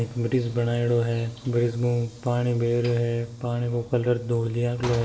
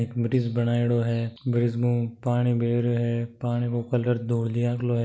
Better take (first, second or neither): second